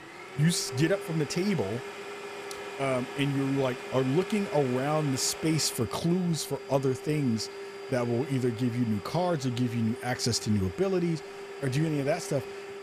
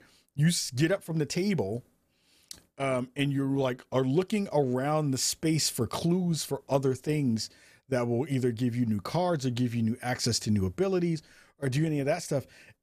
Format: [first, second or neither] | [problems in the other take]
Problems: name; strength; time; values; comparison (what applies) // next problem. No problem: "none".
second | household noises; noticeable; throughout; 10 dB below the speech